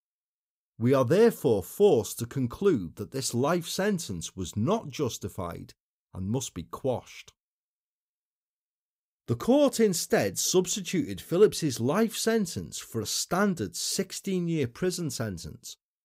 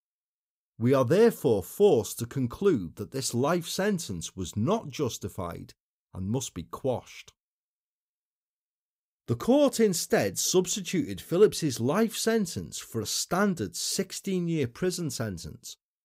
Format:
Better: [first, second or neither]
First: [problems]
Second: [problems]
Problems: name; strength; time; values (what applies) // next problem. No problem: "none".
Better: neither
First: none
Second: none